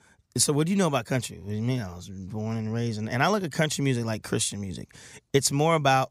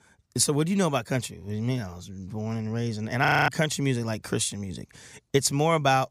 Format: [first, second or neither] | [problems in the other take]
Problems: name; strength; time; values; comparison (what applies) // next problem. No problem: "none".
first | audio freezing; at 3.5 s